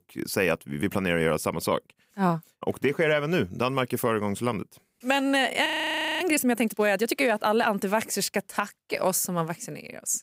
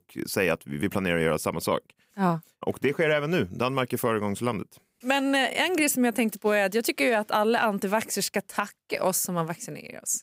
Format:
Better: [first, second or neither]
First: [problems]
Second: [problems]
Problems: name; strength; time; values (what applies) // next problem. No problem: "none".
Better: second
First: audio freezing; at 5.5 s for 0.5 s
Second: none